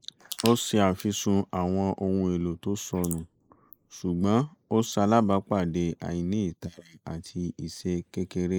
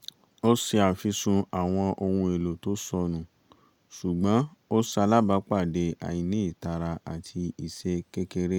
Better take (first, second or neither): second